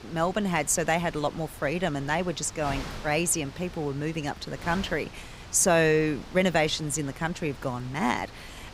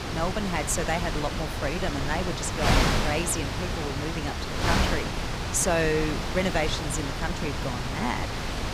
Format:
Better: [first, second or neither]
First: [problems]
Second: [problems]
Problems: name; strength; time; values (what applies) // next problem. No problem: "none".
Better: first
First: wind noise on the microphone; occasional gusts; 15 dB below the speech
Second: wind noise on the microphone; heavy; as loud as the speech